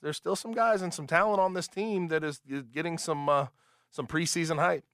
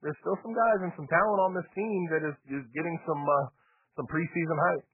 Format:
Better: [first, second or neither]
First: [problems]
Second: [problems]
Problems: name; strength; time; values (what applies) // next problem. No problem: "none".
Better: first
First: none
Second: garbled, watery; badly; nothing above 2.5 kHz